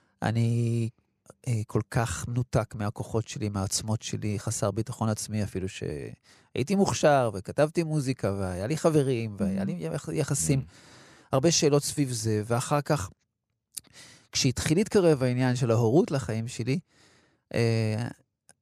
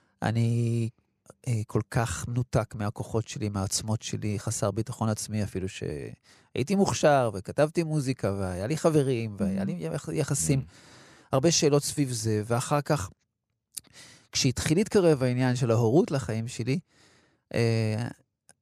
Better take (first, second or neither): neither